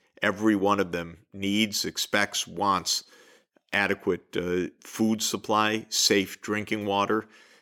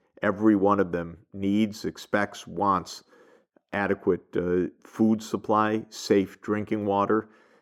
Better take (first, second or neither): first